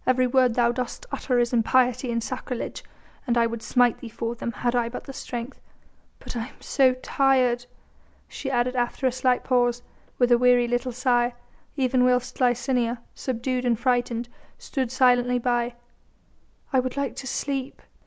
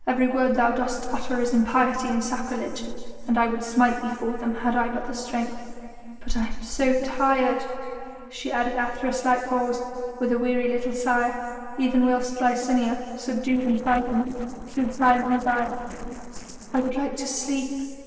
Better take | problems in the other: first | noise reduction (neural separator model SepFormer DNS4)

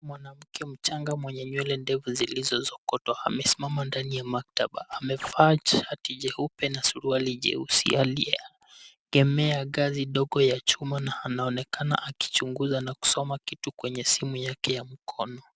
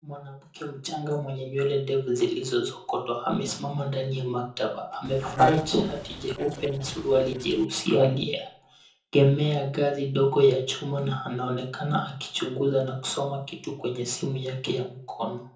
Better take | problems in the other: first | noise reduction (neural separator model SepFormer DNS4)

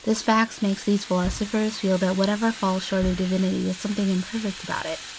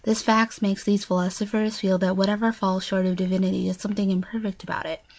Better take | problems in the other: second | background sound (Fire + Bass drum); 14 dB below the speech

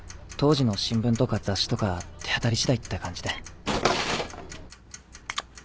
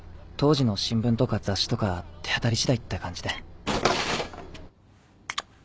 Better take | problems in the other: second | background sound (Tick-tock); 20 dB below the speech

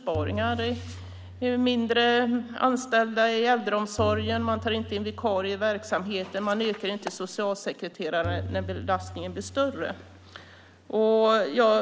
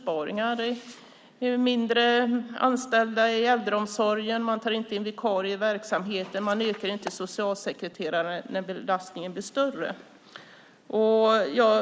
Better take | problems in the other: second | background sound (Tabla); 13 dB below the speech

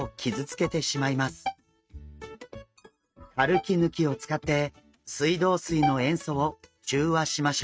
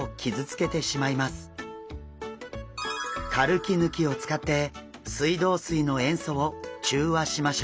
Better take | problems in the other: second | noise reduction (neural mask model RNNoise)

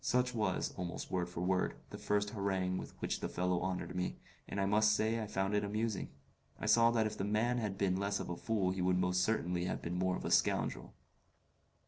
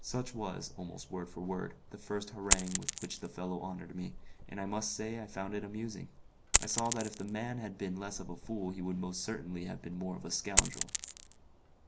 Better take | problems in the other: first | background sound (Coin (dropping)); 1 dB above the speech

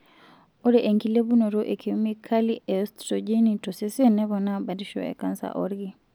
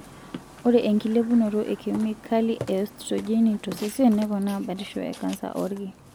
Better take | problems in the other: first | background sound (Burping, eructation); 17 dB below the speech

